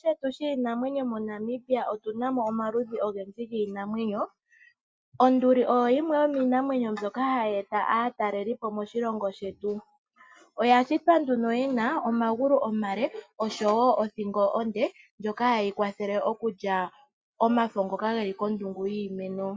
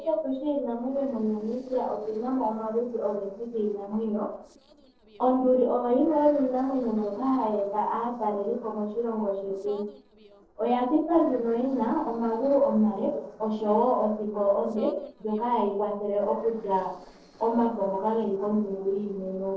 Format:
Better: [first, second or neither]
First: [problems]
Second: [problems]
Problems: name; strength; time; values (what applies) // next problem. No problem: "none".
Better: first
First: none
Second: noise reduction (neural separator model SepFormer DNS4)